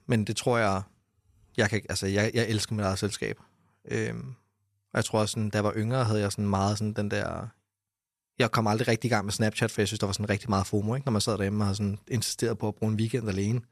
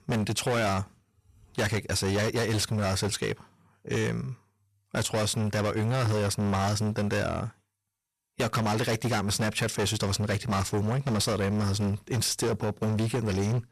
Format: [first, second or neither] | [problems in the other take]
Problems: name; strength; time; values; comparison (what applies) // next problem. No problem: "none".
first | distortion; heavy; 24% of the sound clipped